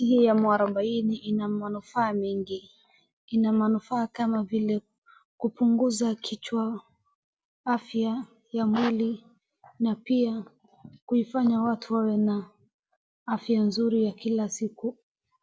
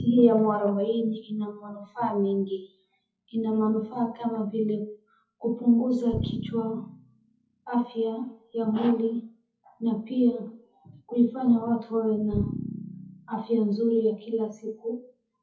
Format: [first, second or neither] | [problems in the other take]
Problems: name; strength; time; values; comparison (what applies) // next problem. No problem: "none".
first | noise reduction (classical method WPE with log-MMSE)